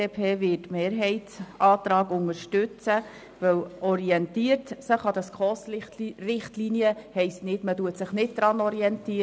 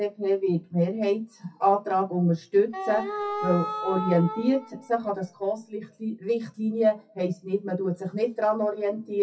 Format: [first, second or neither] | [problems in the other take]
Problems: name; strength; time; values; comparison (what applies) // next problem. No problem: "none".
first | noise reduction (classical method WPE with log-MMSE)